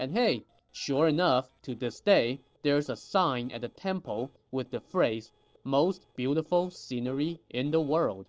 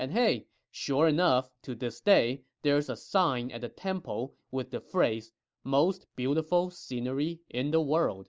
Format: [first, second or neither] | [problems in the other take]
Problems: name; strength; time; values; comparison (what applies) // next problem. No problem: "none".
second | noise reduction (neural separator model SepFormer DNS4)